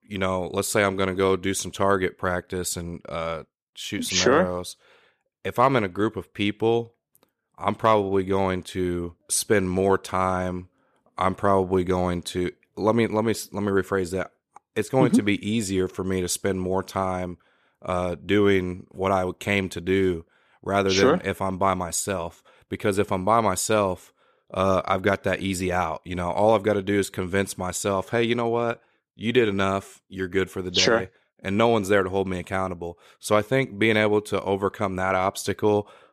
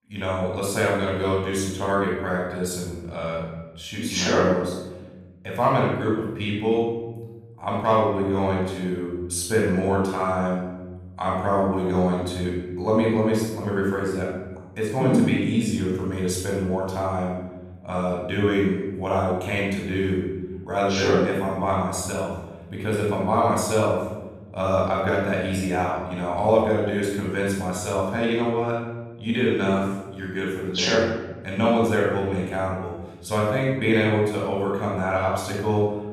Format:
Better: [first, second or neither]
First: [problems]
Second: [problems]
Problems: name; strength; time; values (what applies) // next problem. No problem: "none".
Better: first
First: none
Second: off-mic speech; far // room echo; noticeable; dies away in 1.2 s